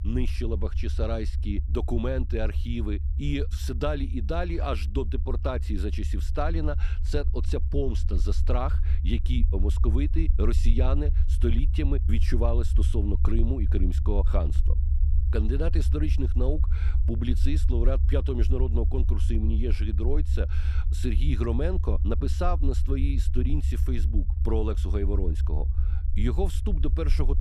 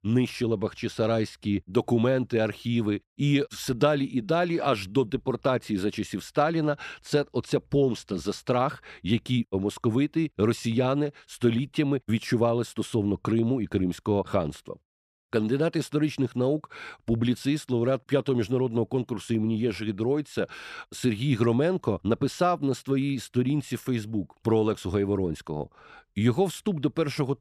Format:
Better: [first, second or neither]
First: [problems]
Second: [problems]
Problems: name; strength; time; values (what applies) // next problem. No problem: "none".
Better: second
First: low rumble; noticeable; throughout; 10 dB below the speech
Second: none